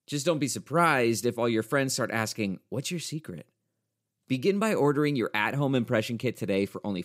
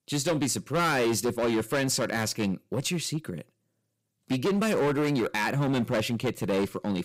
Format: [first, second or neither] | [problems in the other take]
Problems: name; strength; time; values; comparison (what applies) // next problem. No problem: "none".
first | distortion; heavy; 15% of the sound clipped